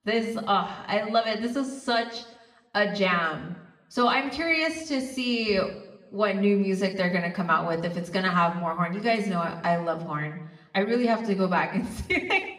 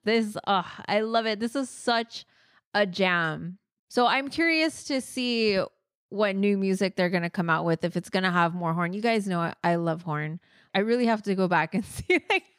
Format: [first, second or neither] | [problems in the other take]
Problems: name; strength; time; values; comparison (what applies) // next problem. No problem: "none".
second | room echo; slight; dies away in 0.7 s // off-mic speech; somewhat distant